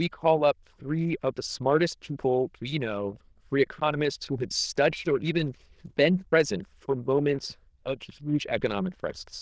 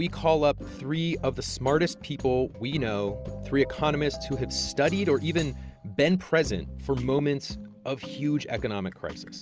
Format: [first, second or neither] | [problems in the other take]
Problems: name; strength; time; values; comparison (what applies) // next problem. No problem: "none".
second | noise reduction (neural diffusion model UNIVERSE++)